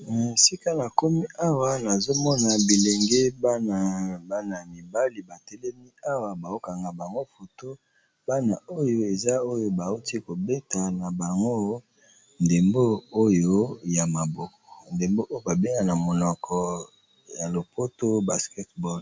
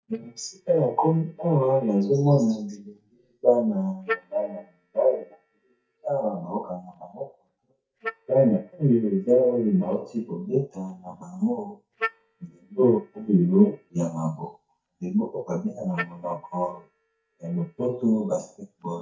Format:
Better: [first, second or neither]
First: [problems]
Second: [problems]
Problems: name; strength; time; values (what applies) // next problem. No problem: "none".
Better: first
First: none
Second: noise reduction (neural mask model DeepFilterNet 3)